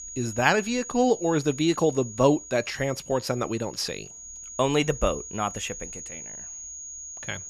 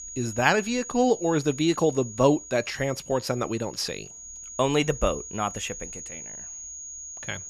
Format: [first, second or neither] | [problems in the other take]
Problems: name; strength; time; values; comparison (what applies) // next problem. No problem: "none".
neither | high-pitched whine; noticeable; throughout; 6.5 kHz, 10 dB below the speech; the same in both